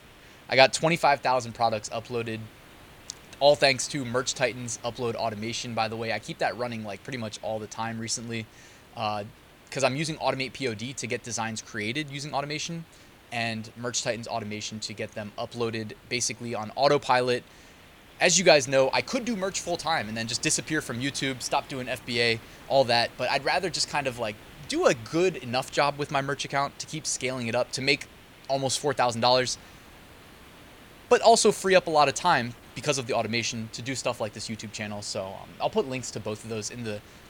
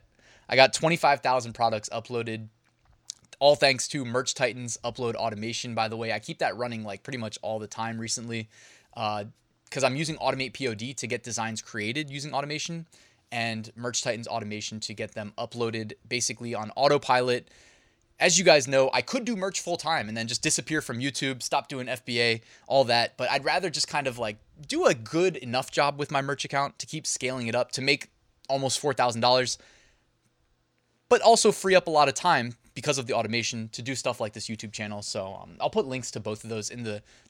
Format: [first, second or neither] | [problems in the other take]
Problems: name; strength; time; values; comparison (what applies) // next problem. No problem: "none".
second | hiss; faint; throughout; 25 dB below the speech